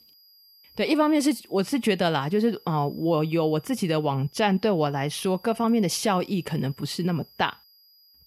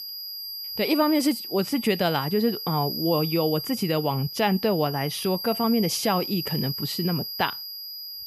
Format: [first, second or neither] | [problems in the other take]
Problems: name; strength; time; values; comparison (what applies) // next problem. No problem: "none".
first | high-pitched whine; loud; throughout; 5 kHz, 6 dB below the speech; faint in the first